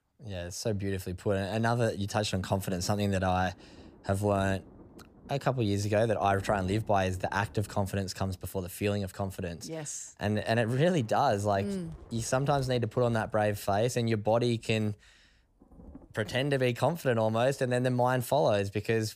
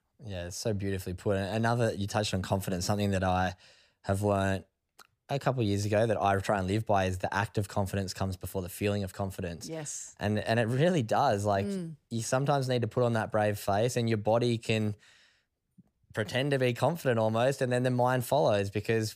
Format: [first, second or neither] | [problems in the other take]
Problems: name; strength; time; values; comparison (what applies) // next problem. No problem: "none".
second | rain or running water; faint; throughout; 25 dB below the speech